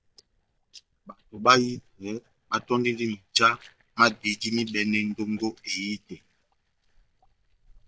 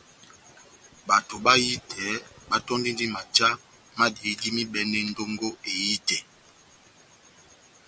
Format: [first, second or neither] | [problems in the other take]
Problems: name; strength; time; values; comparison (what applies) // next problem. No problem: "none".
second | noise reduction (neural mask model DeepFilterNet 3)